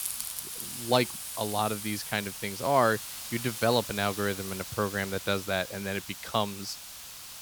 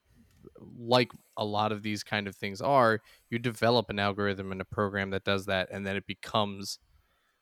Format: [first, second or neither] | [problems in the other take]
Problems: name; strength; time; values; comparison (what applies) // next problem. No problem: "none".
second | hiss; loud; throughout; 7 dB below the speech